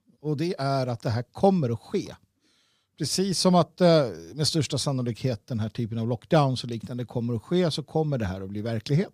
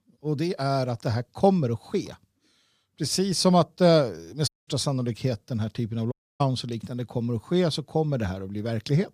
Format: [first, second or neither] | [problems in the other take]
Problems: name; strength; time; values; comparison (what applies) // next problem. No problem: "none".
first | audio cutting out; at 4.5 s and at 6 s